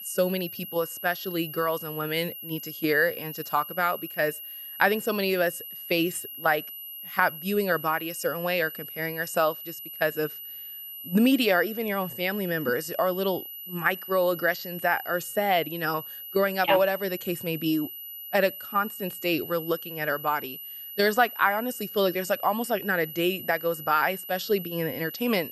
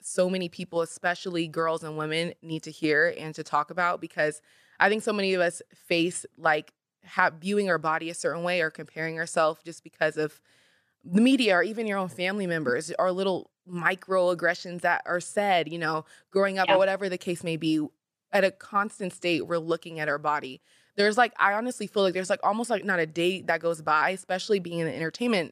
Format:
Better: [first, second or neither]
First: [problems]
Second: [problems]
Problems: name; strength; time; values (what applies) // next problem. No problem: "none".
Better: second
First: high-pitched whine; loud; throughout; 12 kHz, 10 dB below the speech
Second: none